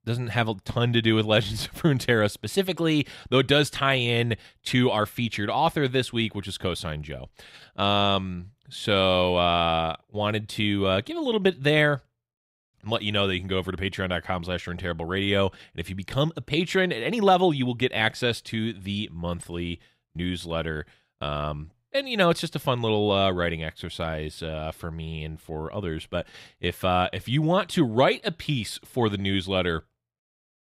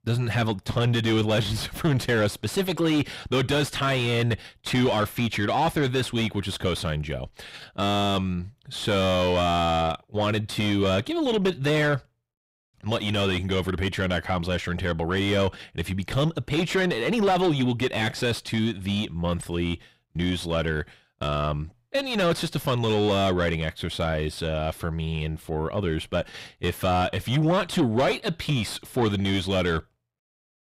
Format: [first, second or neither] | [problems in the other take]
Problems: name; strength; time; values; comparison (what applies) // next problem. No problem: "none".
first | distortion; heavy; 7 dB below the speech